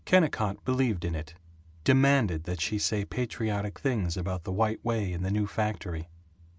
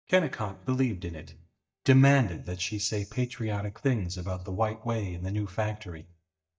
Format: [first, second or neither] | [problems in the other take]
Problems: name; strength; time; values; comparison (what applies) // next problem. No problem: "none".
first | noise reduction (neural mask model DeepFilterNet 3)